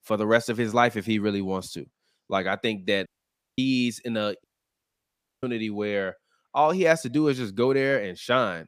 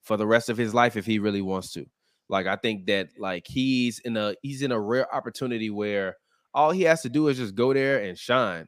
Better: second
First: audio cutting out; at 3 s for 0.5 s and at 4.5 s for 1 s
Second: none

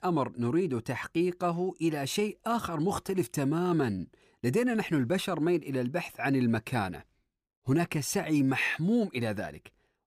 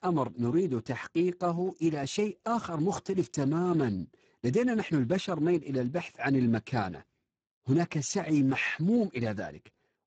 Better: first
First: none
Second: garbled, watery; badly; nothing above 7.5 kHz

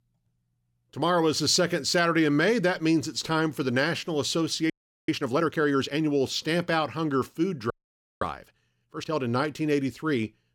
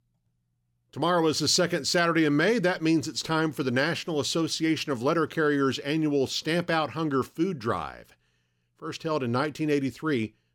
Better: second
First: audio freezing; at 4.5 s and at 7.5 s for 0.5 s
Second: none

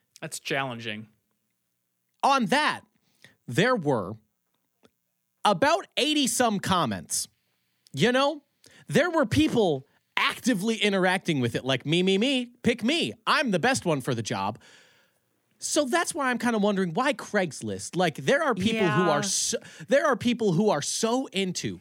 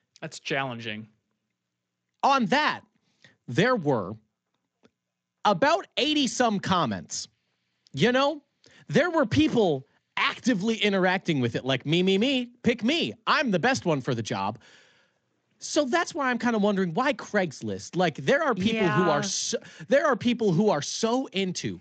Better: first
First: none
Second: garbled, watery; slightly; nothing above 7.5 kHz

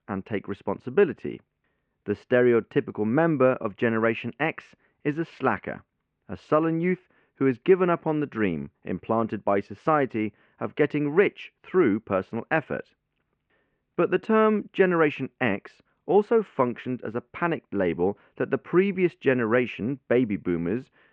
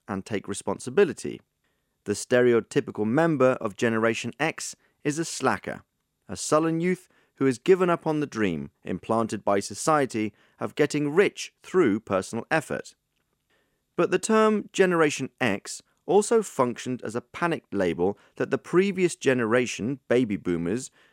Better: second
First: muffled; very; fading above 2.5 kHz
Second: none

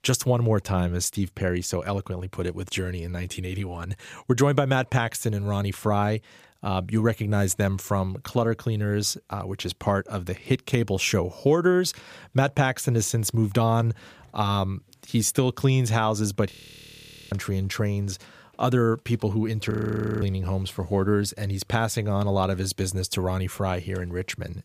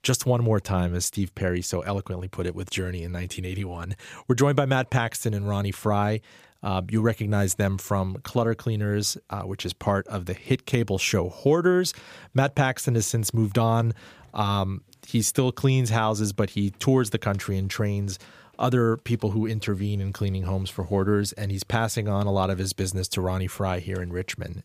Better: second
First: audio freezing; at 17 s for 1 s and at 20 s for 0.5 s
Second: none

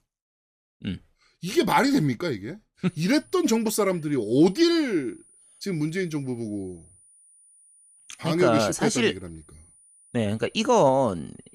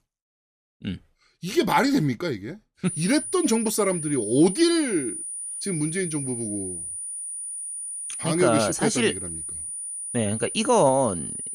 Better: first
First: high-pitched whine; faint; from 3 s on; 9.5 kHz, 30 dB below the speech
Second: high-pitched whine; loud; from 3 s on; 9.5 kHz, 7 dB below the speech

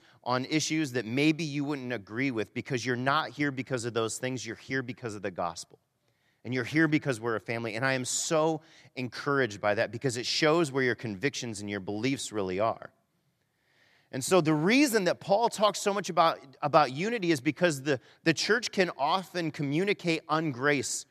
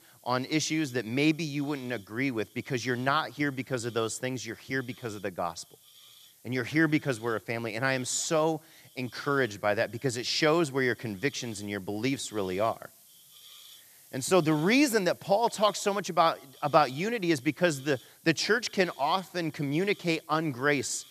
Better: first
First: none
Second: hiss; faint; throughout; 25 dB below the speech

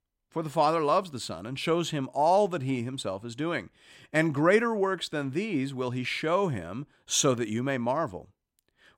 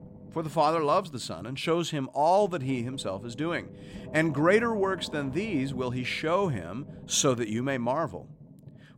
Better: first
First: none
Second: low rumble; faint; throughout; 20 dB below the speech

